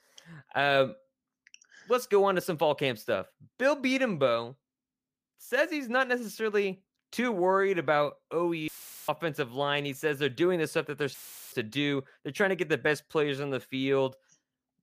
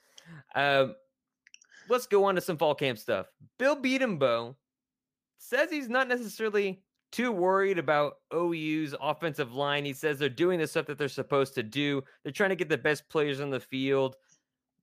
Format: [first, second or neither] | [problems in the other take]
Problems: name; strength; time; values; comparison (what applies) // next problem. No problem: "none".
second | audio cutting out; filled with static; at 8.5 s and at 11 s